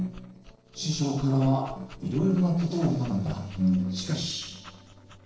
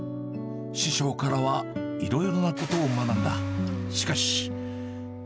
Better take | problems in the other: second | noise reduction (neural separator model SepFormer DNS4)

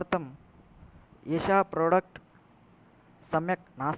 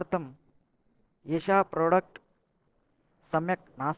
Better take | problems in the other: first | noise reduction (neural separator model SepFormer DNS4)

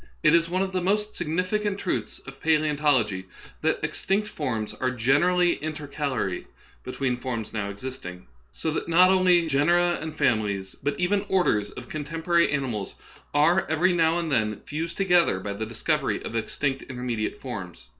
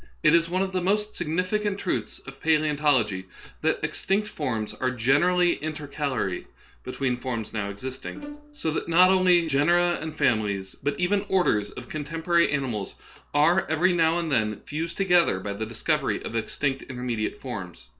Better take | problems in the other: first | background sound (Bowed string instrument); 17 dB below the speech

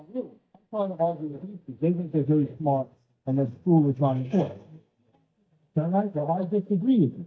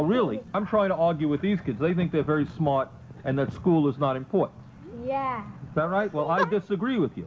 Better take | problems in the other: second | noise reduction (neural mask model DeepFilterNet 3)

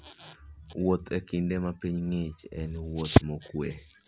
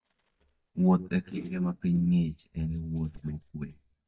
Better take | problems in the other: first | noise reduction (neural mask model DeepFilterNet 3)

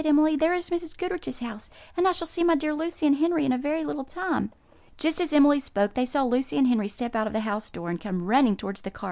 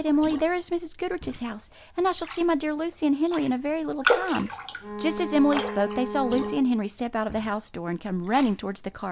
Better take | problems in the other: first | background sound (Raindrop + Bowed string instrument); 8 dB below the speech

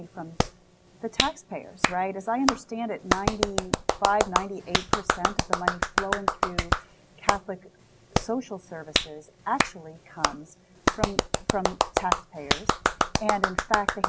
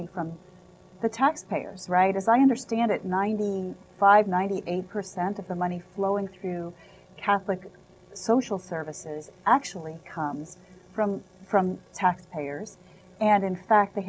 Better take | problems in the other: second | background sound (Clapping); 4 dB above the speech

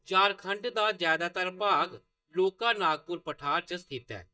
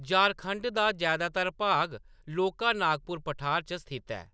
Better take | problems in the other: second | noise reduction (neural mask model DeepFilterNet 3)

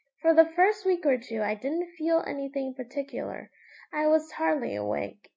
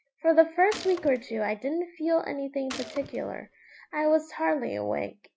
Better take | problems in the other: first | background sound (Gunshot, gunfire); 16 dB below the speech

